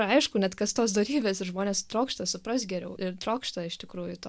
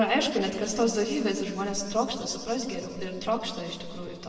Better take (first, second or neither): first